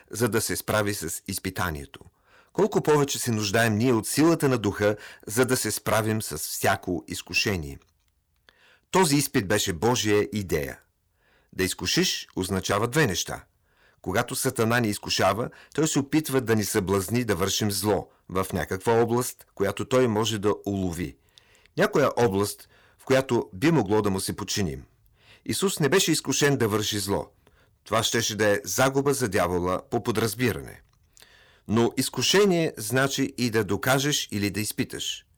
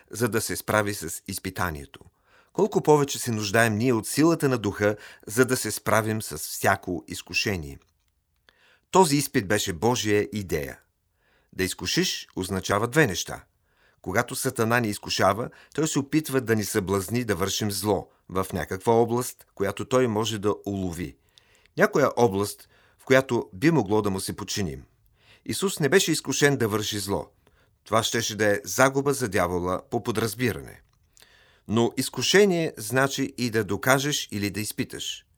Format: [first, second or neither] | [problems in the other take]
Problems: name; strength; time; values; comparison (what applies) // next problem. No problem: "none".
second | distortion; slight; 3% of the sound clipped